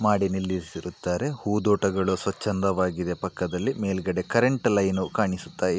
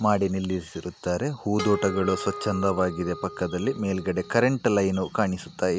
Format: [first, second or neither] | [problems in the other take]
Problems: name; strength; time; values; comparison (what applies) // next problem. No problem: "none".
first | background sound (Harp); 11 dB below the speech